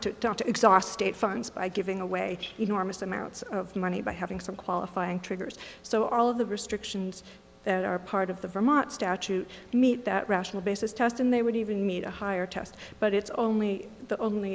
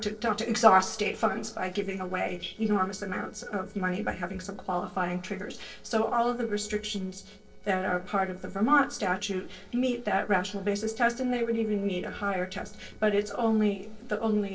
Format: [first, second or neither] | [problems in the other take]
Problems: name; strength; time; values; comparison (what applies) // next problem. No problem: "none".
first | noise reduction (neural separator model SepFormer DNS4)